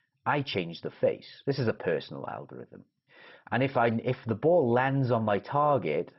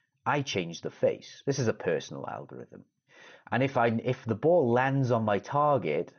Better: second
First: garbled, watery; badly; nothing above 5.5 kHz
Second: garbled, watery; slightly; nothing above 6.5 kHz

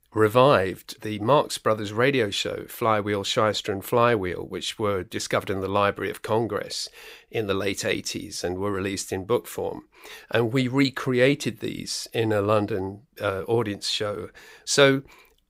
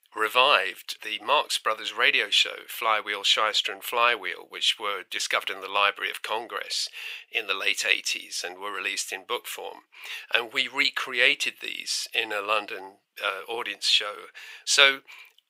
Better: first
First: none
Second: thin; very; fading below 850 Hz

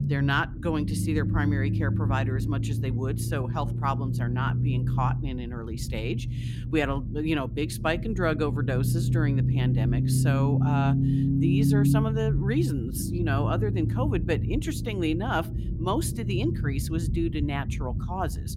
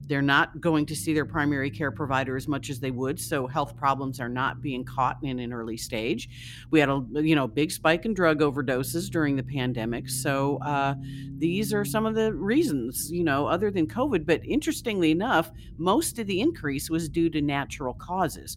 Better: second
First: low rumble; loud; throughout; 6 dB below the speech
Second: low rumble; faint; throughout; 25 dB below the speech

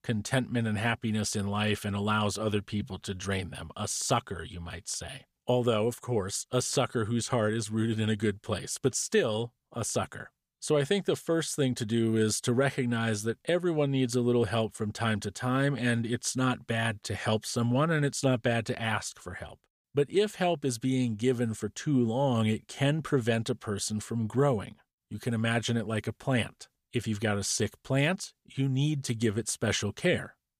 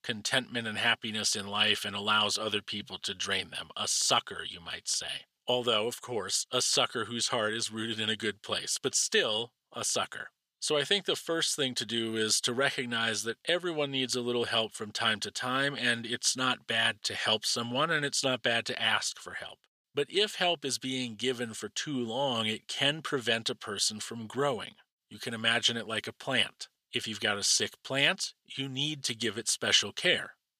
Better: first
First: none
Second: thin; somewhat; fading below 550 Hz

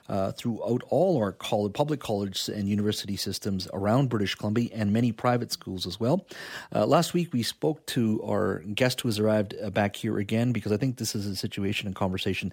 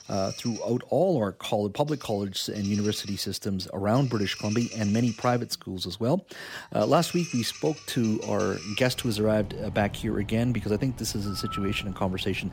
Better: first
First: none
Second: animal sounds; noticeable; throughout; 15 dB below the speech

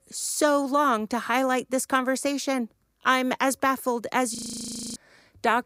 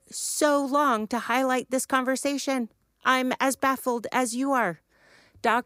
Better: second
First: audio freezing; at 4.5 s for 0.5 s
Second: none

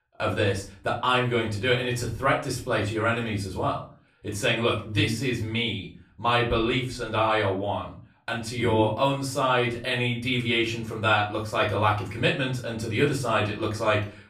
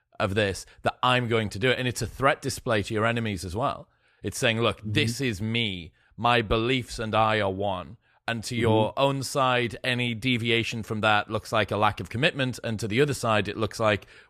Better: second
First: off-mic speech; far // room echo; slight; dies away in 0.3 s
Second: none

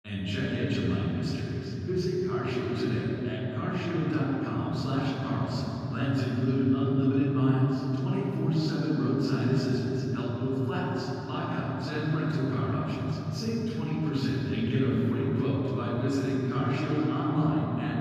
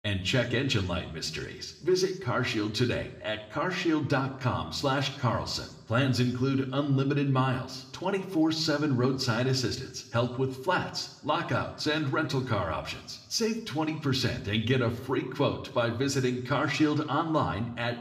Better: second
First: room echo; strong; dies away in 3 s // off-mic speech; far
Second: room echo; slight; dies away in 0.9 s

